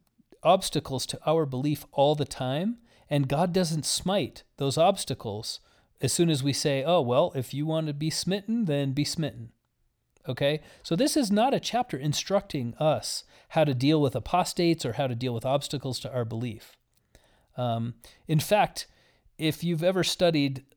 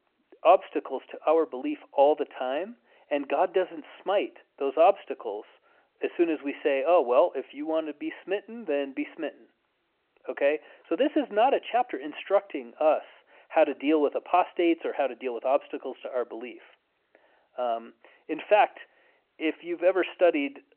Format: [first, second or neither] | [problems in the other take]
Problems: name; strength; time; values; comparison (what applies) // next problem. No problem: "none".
first | phone-call audio